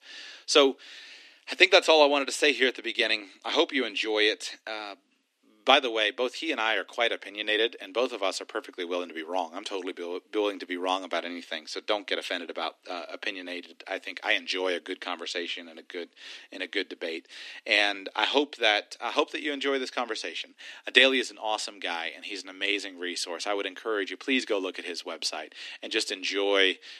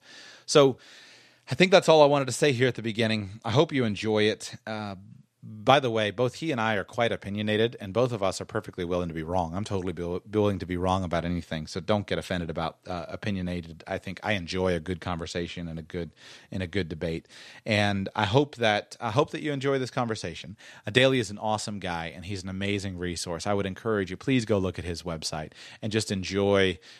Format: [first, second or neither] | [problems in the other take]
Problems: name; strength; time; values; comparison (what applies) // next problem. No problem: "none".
second | thin; somewhat; fading below 250 Hz